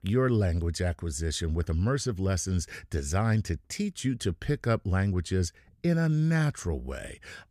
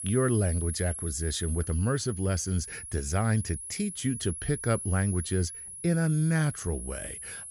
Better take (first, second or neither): first